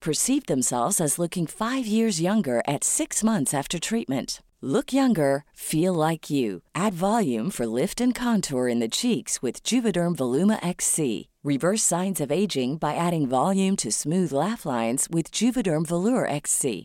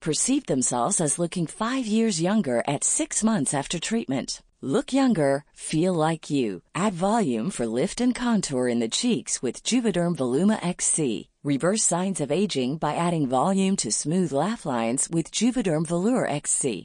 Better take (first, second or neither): first